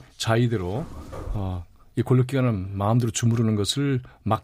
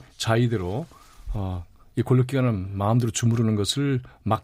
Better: second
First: door banging; faint; at 1 s; peak 15 dB below the speech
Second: none

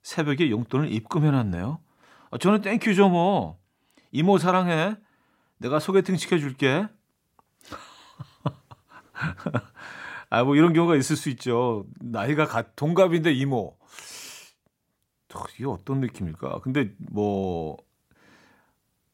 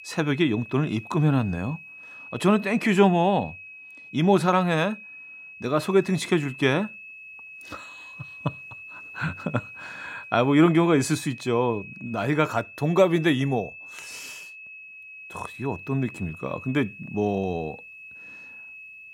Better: first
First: none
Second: high-pitched whine; noticeable; throughout; 2.5 kHz, 15 dB below the speech

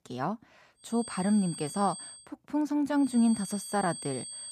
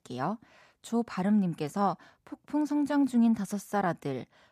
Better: second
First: high-pitched whine; noticeable; from 1 to 2 s and from 3 s on; 8.5 kHz, 10 dB below the speech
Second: none

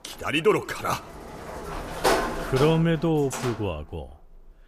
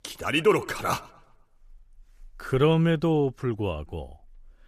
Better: second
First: door banging; loud; from 1.5 to 3.5 s; peak 2 dB above the speech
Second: none

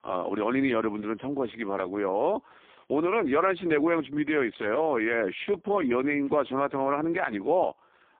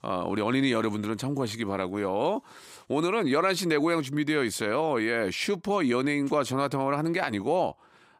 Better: second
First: phone-call audio; poor line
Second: none

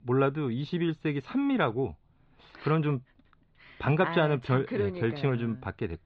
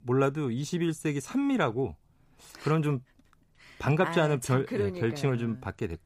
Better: second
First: muffled; slightly; fading above 4 kHz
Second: none

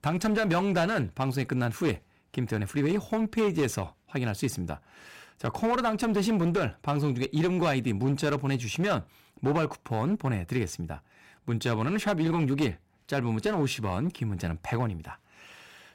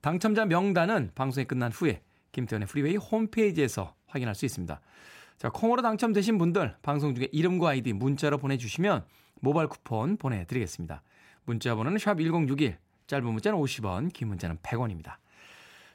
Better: second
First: distortion; slight; 9% of the sound clipped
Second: none

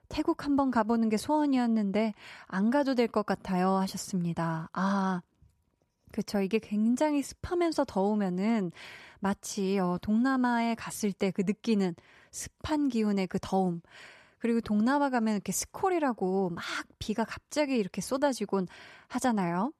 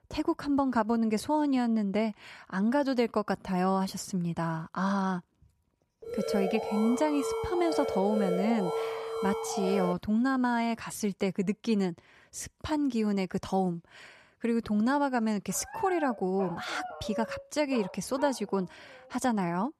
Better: first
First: none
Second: alarm; noticeable; from 6 to 10 s; peak 1 dB below the speech // dog barking; noticeable; from 16 to 19 s; peak 9 dB below the speech

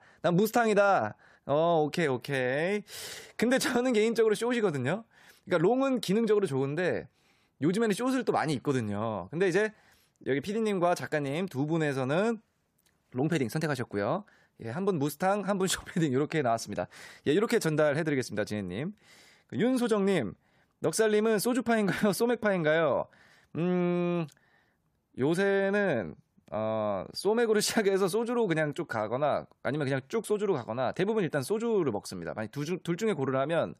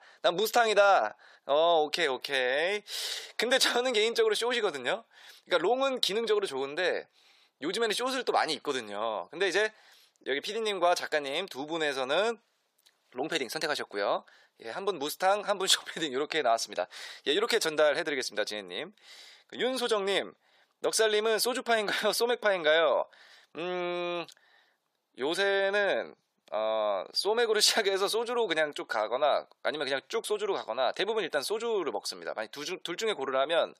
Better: first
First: none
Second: thin; very; fading below 550 Hz

